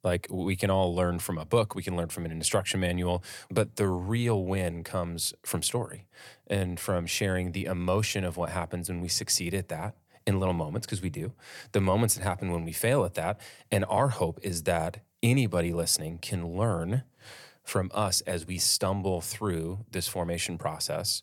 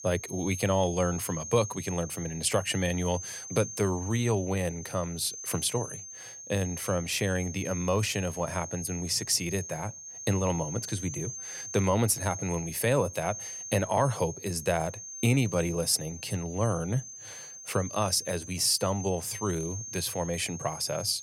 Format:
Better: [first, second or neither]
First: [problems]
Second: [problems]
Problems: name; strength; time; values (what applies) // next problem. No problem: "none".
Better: first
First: none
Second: high-pitched whine; loud; throughout; 6.5 kHz, 10 dB below the speech